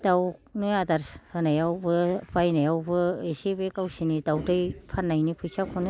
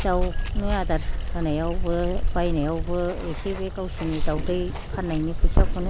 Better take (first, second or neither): first